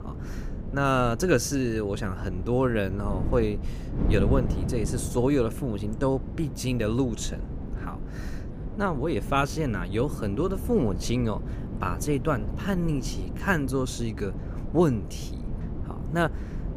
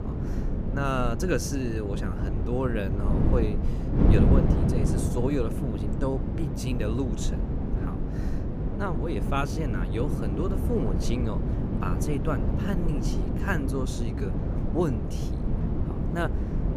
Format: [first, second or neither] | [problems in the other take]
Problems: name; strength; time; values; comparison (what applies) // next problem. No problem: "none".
first | wind noise on the microphone; heavy; 3 dB below the speech; occasional gusts in the first